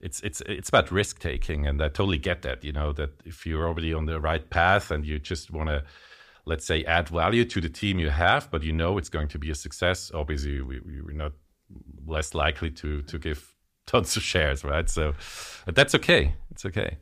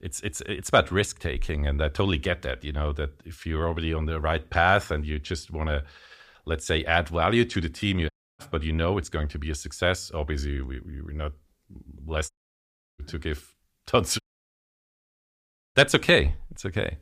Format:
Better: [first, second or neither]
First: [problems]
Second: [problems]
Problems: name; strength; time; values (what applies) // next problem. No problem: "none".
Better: first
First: none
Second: audio cutting out; at 8 s, at 12 s for 0.5 s and at 14 s for 1.5 s